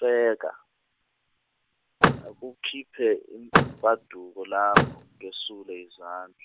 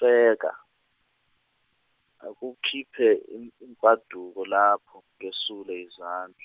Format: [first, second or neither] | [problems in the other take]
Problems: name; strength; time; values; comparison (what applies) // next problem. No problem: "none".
second | background sound (Vehicle); 3 dB above the speech